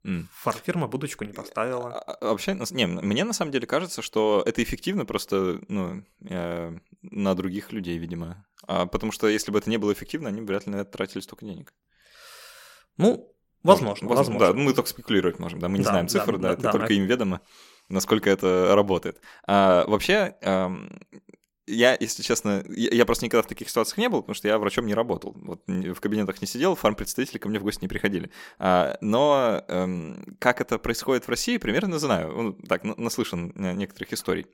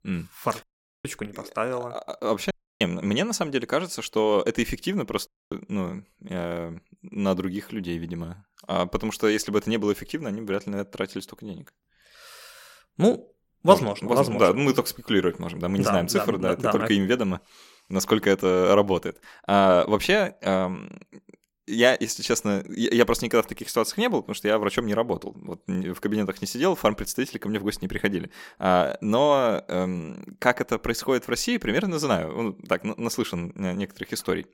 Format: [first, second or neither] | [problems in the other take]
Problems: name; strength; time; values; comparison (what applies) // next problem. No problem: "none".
first | audio cutting out; at 0.5 s, at 2.5 s and at 5.5 s